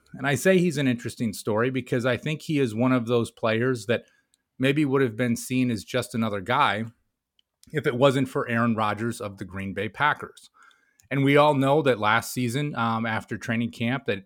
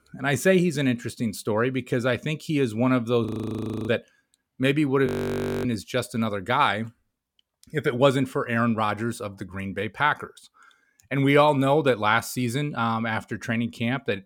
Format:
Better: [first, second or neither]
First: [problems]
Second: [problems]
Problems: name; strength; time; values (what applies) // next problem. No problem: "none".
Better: first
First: none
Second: audio freezing; at 3.5 s for 0.5 s and at 5 s for 0.5 s